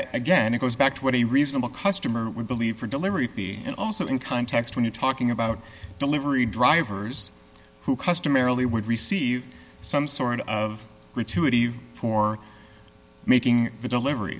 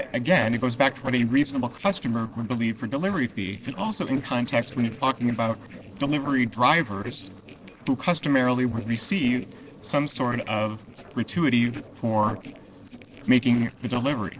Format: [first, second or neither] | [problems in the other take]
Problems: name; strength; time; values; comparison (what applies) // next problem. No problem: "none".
first | noise reduction (neural separator model SepFormer DNS4)